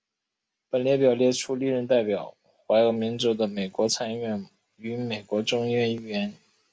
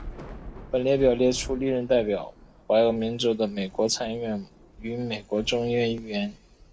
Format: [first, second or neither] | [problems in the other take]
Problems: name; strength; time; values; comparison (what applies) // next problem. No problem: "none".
first | background sound (Thunder / Rain); 17 dB below the speech